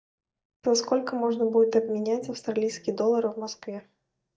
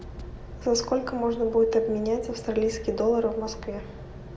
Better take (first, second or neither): second